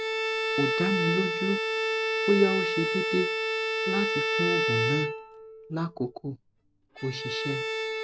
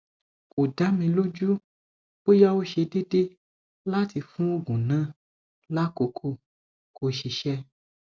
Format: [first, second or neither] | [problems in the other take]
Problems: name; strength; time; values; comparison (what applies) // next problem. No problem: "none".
second | background sound (Bowed string instrument); 2 dB above the speech